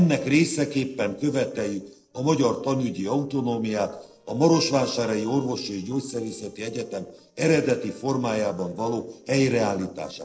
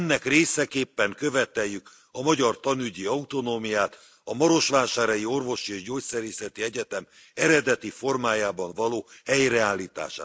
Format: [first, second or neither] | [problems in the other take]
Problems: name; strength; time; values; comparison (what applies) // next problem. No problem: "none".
second | noise reduction (neural separator model SepFormer DNS4)